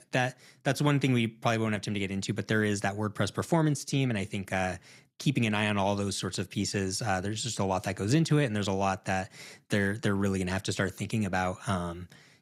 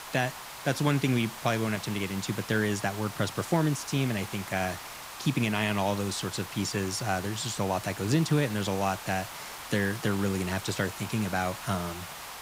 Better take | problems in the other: first | hiss; noticeable; throughout; 10 dB below the speech

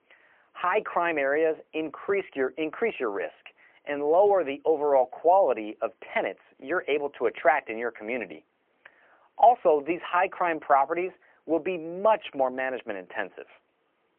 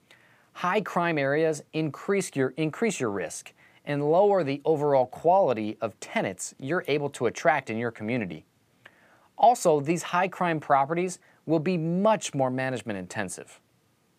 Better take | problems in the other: second | phone-call audio; poor line; nothing above 3 kHz

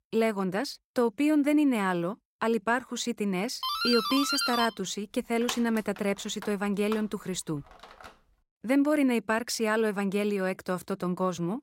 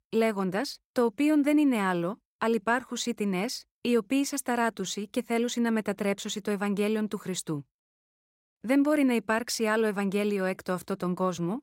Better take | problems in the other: second | doorbell; loud; from 3.5 to 8 s; peak 1 dB above the speech

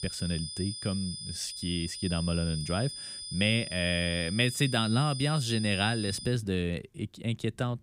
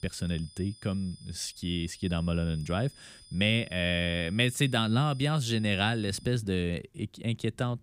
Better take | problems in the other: second | high-pitched whine; loud; until 6.5 s; 5 kHz, 7 dB below the speech; faint in the second

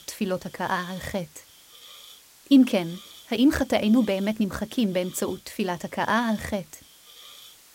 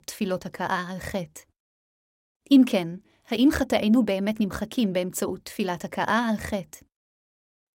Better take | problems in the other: second | hiss; faint; throughout; 20 dB below the speech

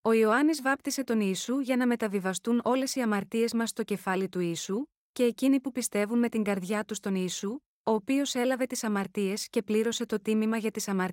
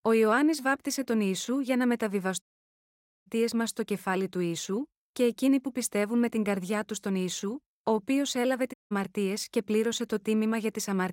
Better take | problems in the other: first | audio cutting out; at 2.5 s for 1 s and at 8.5 s

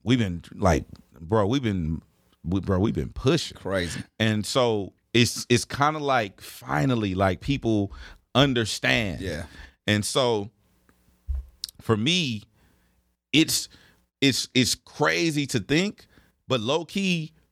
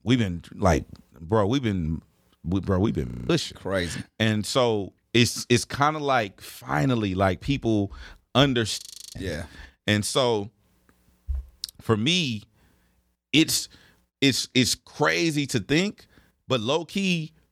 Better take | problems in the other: first | audio freezing; at 3 s and at 9 s

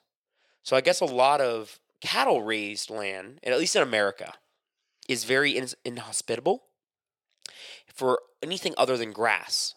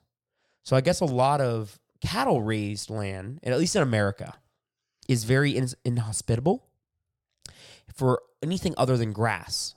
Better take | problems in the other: second | thin; somewhat; fading below 450 Hz

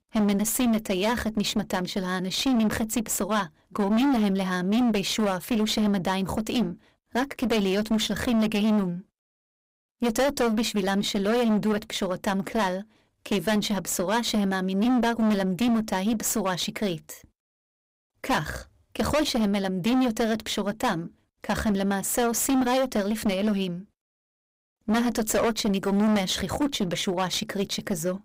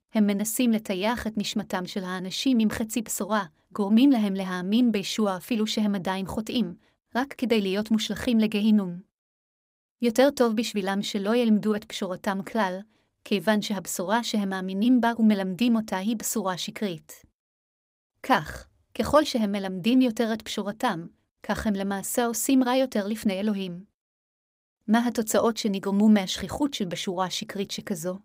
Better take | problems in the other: second | distortion; heavy; 19% of the sound clipped

